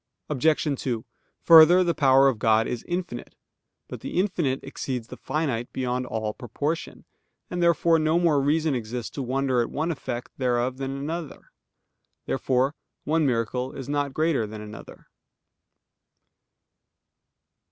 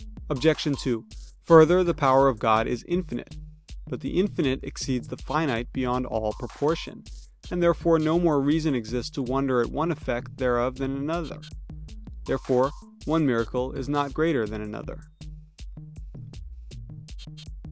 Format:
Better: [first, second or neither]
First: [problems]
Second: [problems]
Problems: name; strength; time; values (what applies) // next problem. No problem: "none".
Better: first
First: none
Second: background sound (Drum kit); 14 dB below the speech